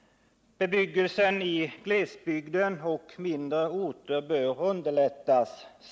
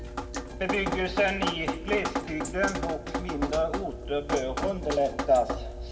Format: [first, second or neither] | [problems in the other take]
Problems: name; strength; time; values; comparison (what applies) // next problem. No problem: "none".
first | background sound (Drip); 3 dB below the speech // room echo; dies away in 1.5 s